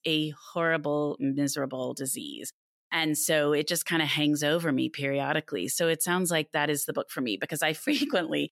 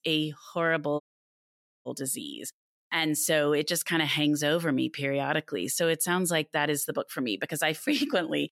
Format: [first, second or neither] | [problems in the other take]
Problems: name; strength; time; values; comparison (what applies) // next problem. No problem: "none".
first | audio cutting out; at 1 s for 1 s